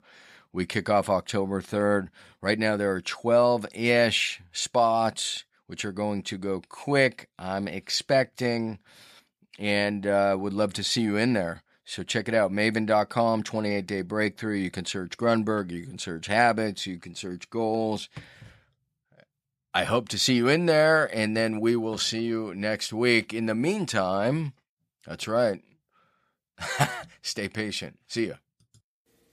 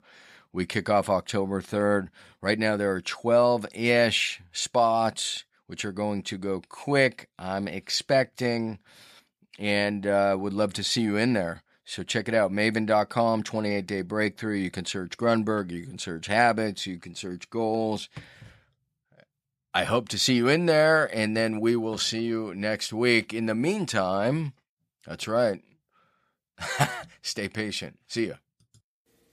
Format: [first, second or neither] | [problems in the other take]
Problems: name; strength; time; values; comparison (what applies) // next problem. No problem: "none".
neither | none